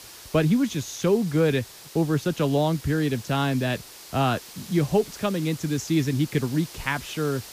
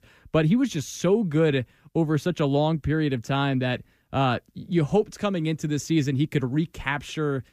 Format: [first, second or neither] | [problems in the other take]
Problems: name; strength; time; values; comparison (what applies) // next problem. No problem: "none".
second | hiss; noticeable; throughout; 15 dB below the speech